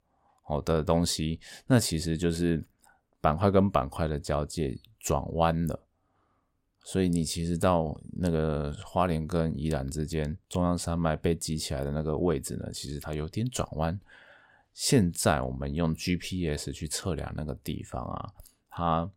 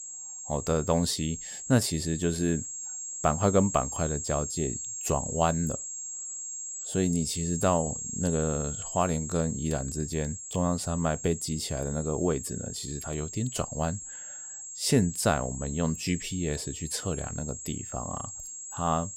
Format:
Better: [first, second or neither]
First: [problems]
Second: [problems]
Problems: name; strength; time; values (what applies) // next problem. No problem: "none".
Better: first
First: none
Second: high-pitched whine; loud; throughout; 7.5 kHz, 6 dB below the speech